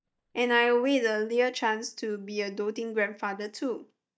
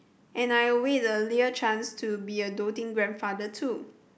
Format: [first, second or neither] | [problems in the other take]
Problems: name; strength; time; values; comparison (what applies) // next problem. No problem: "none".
second | noise reduction (neural mask model DeepFilterNet 3)